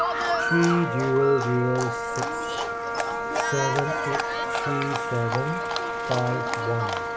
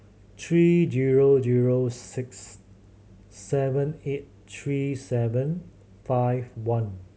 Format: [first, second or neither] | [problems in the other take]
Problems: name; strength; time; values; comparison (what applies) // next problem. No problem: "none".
second | background sound (Livestock, farm animals, working animals + Wind instrument, woodwind instrument); as loud as the speech